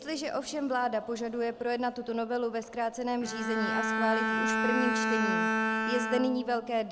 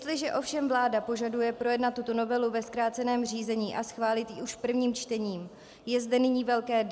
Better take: second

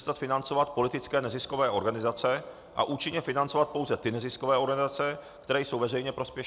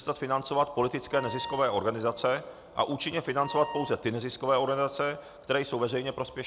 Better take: first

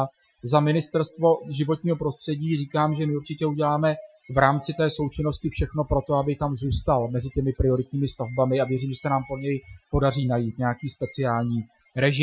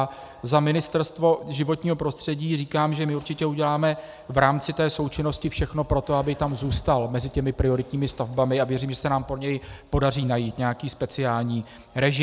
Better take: second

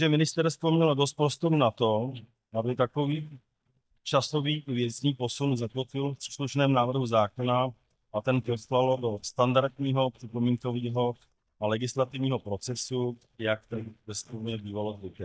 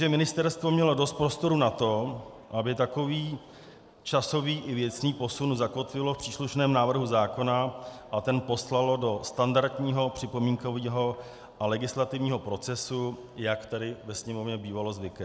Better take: second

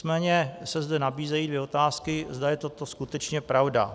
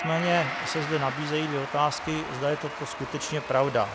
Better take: first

